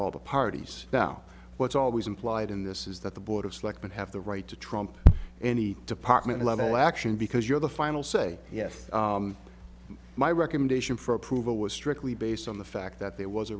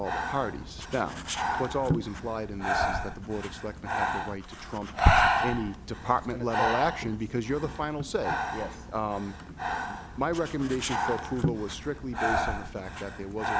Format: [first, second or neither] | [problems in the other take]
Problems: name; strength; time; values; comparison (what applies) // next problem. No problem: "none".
first | background sound (Breathing); as loud as the speech